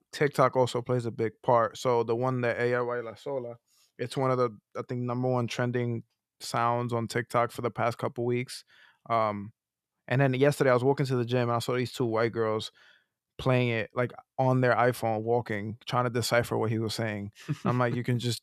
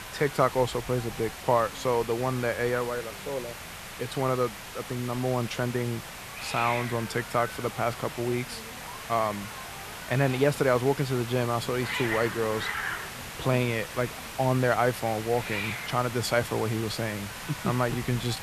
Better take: first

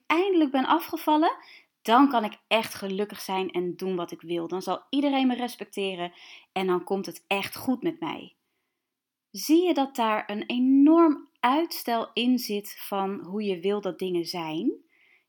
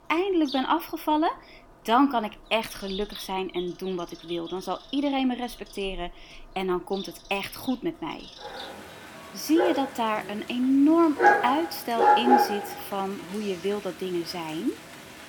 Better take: first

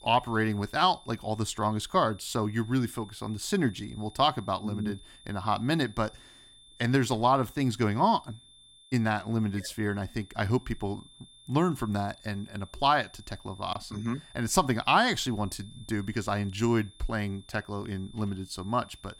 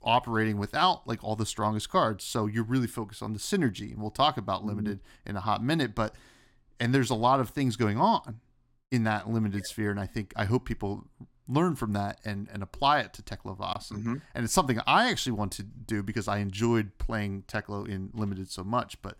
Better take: second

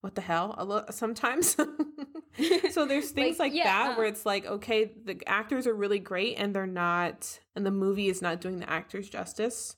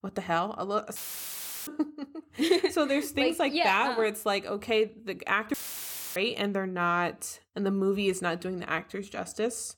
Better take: first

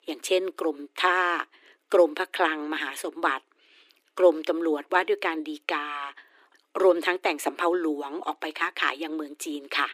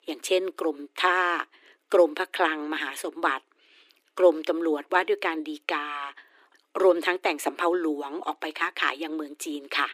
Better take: neither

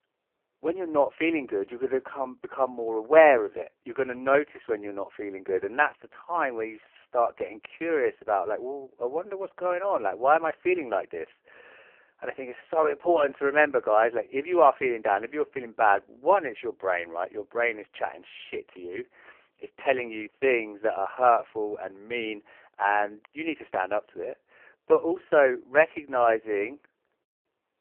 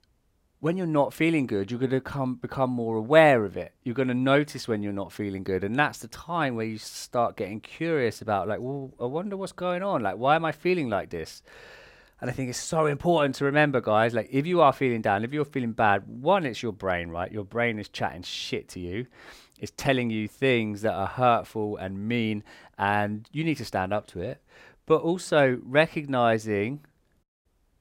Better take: second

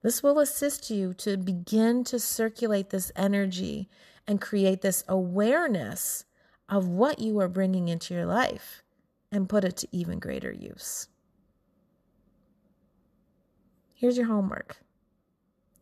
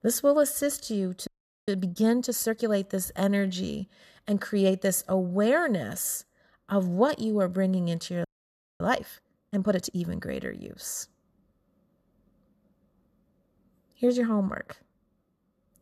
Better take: first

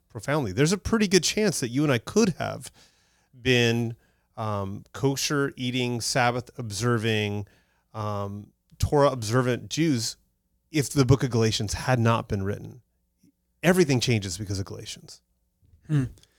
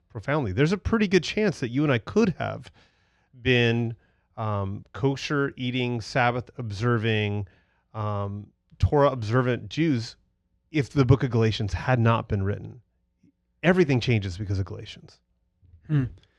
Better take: first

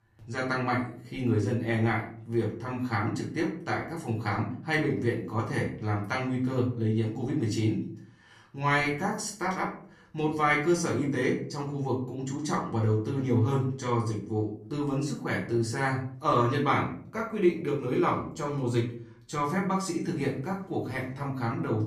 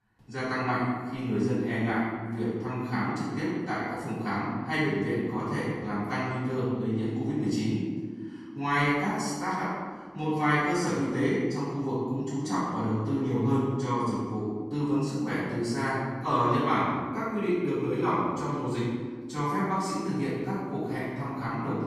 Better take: first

